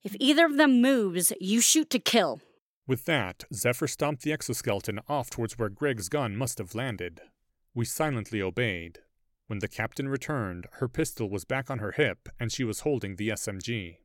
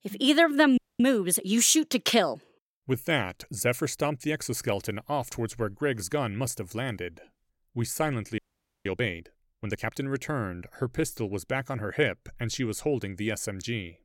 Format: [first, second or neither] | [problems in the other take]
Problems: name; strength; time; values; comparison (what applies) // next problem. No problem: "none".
first | audio freezing; at 1 s and at 8.5 s